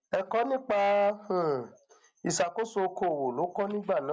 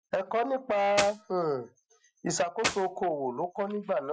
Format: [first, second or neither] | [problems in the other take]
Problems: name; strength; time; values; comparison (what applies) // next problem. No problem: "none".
first | noise reduction (classical method Wiener filter)